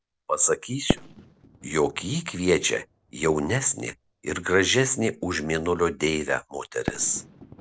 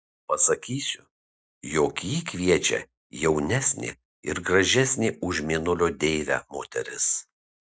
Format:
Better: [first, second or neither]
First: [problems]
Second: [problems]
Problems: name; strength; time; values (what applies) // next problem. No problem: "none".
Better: second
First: noise reduction (neural separator model SepFormer DNS4)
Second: none